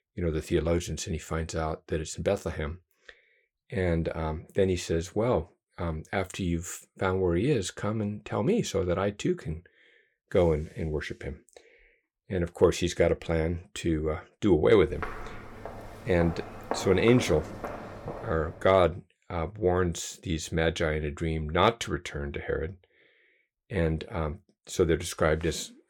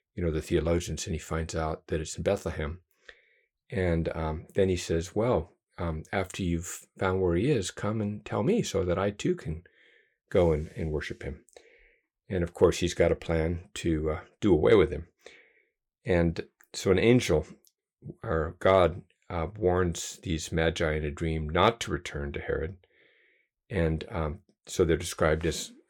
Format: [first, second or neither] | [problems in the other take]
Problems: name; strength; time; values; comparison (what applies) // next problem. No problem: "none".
second | footsteps; noticeable; from 15 to 18 s; peak 6 dB below the speech